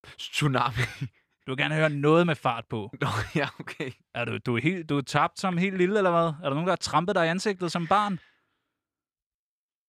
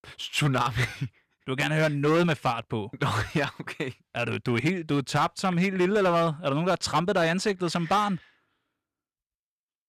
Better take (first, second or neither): first